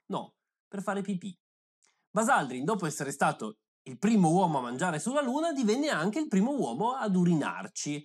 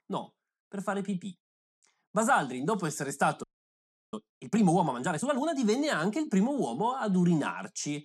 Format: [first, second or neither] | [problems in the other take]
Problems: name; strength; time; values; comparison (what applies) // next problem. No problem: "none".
first | audio freezing; at 3.5 s for 0.5 s